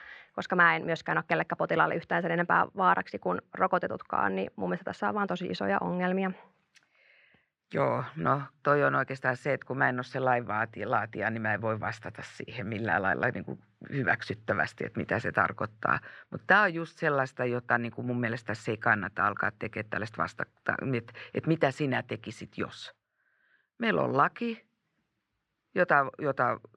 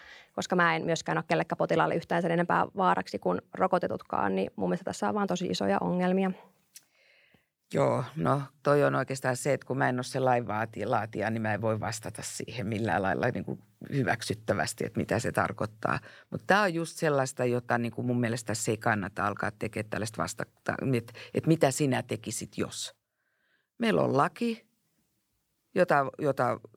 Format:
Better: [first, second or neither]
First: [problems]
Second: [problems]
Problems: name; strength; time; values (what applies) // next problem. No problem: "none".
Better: second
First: muffled; slightly; fading above 3 kHz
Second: none